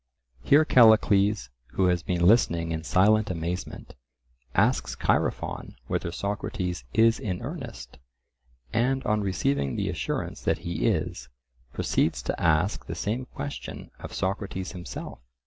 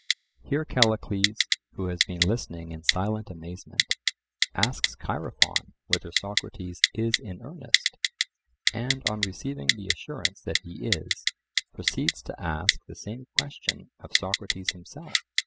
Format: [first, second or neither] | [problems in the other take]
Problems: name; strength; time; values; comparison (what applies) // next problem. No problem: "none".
first | noise reduction (classical method spectral subtraction)